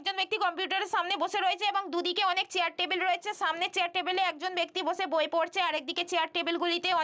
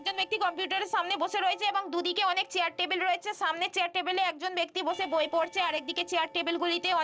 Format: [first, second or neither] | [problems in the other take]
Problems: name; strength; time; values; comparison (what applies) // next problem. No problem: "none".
first | noise reduction (neural separator model SepFormer DNS4)